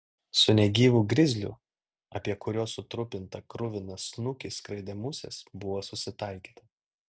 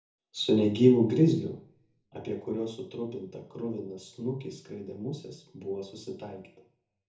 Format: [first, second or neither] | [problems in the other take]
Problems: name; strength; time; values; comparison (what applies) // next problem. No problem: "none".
first | room echo; dies away in 0.6 s